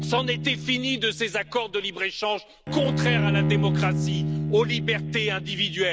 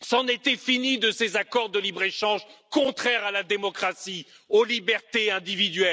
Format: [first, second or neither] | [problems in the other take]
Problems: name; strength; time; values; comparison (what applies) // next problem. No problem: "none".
second | background sound (Bowed string instrument); 1 dB below the speech